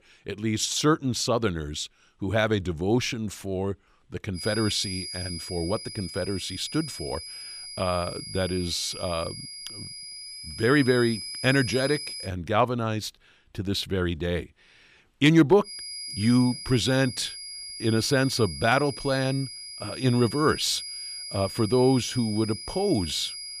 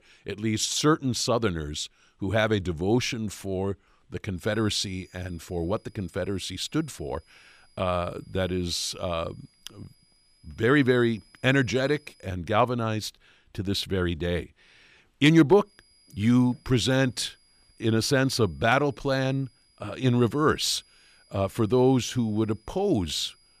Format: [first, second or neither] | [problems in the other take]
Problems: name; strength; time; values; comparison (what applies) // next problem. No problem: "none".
second | high-pitched whine; loud; from 4.5 to 12 s and from 16 s on; 5 kHz, 10 dB below the speech; faint in the second